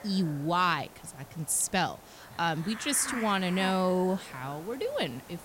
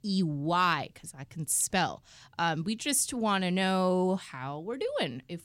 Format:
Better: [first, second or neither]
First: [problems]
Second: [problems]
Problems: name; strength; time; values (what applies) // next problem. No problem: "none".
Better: second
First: hiss; noticeable; throughout; 15 dB below the speech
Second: none